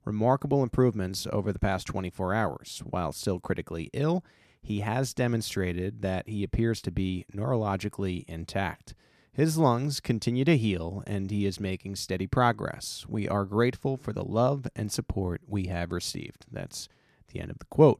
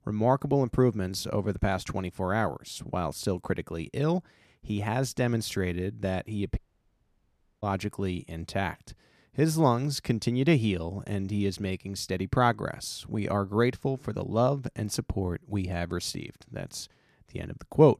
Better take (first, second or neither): first